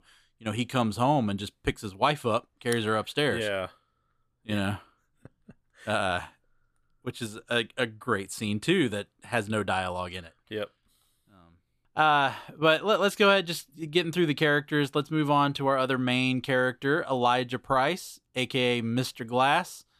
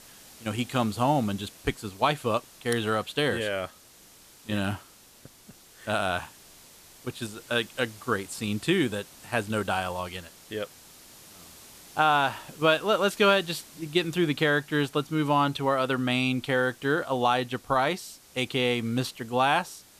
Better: first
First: none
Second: hiss; faint; throughout; 20 dB below the speech

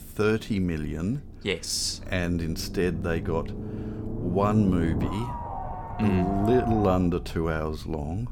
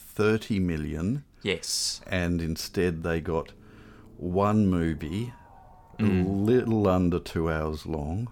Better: second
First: low rumble; loud; throughout; 5 dB below the speech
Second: low rumble; faint; throughout; 25 dB below the speech

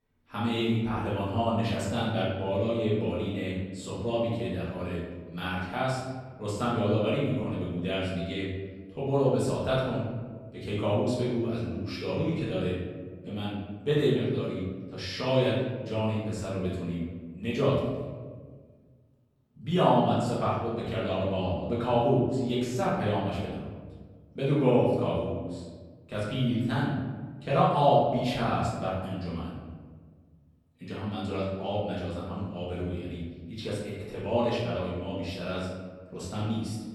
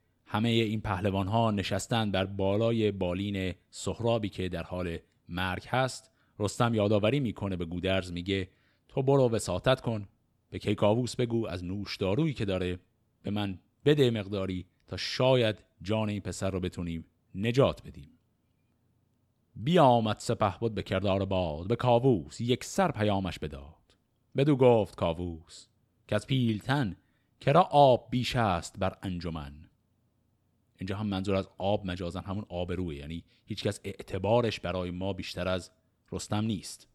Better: second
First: room echo; noticeable; dies away in 1.3 s // off-mic speech; far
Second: none

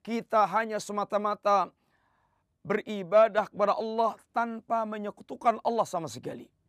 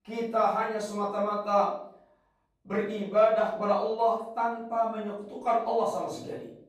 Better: first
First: none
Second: off-mic speech; far // room echo; noticeable; dies away in 0.5 s

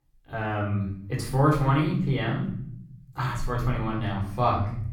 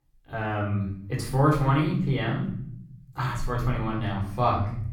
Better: neither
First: room echo; noticeable; dies away in 1.1 s // off-mic speech; far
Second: room echo; noticeable; dies away in 1.1 s // off-mic speech; far

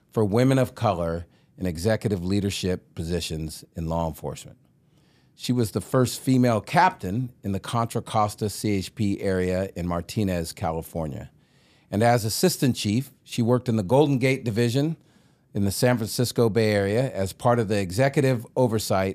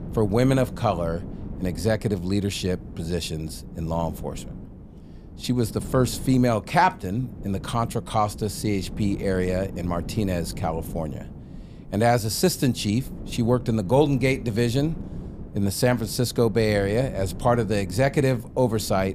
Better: first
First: none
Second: wind noise on the microphone; occasional gusts; 20 dB below the speech

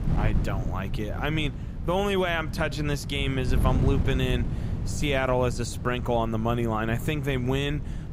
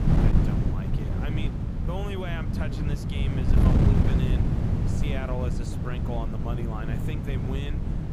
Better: first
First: wind noise on the microphone; occasional gusts; 15 dB below the speech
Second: wind noise on the microphone; heavy; 2 dB above the speech

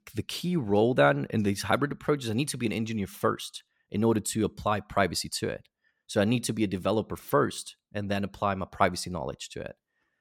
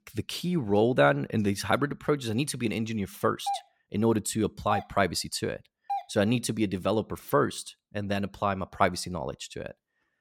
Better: first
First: none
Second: doorbell; noticeable; from 3.5 to 6 s; peak 6 dB below the speech

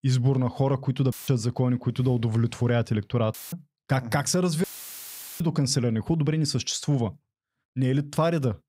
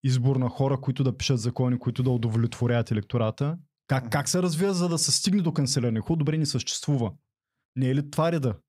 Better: second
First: audio cutting out; filled with static; at 1 s, at 3.5 s and at 4.5 s for 1 s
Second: none

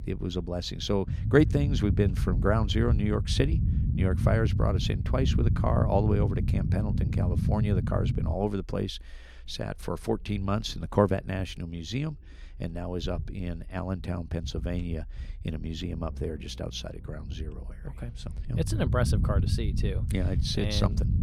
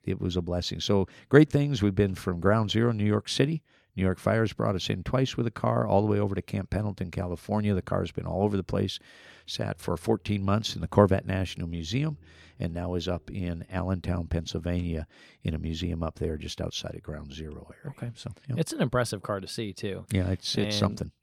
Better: second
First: low rumble; loud; throughout; 9 dB below the speech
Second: none

